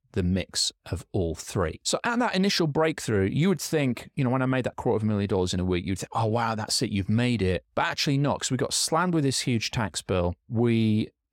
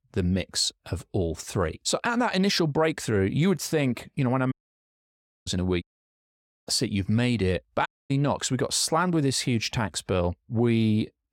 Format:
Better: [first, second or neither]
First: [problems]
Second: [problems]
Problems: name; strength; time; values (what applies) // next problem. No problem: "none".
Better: first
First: none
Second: audio cutting out; at 4.5 s for 1 s, at 6 s for 1 s and at 8 s